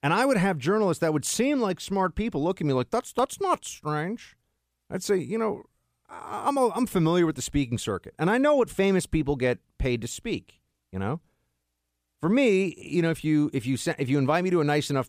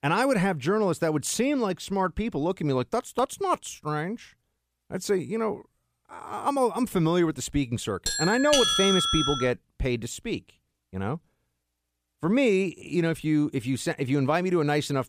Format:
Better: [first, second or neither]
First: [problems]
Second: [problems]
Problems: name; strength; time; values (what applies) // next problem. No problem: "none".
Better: first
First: none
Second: doorbell; loud; from 8 to 9.5 s; peak 5 dB above the speech